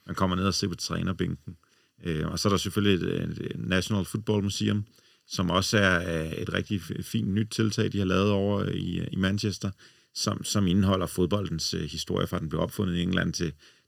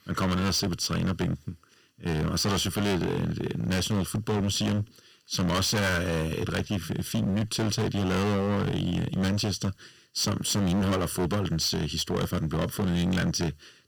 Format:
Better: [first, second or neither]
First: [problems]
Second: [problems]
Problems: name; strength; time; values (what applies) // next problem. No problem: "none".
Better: first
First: none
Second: distortion; heavy; 19% of the sound clipped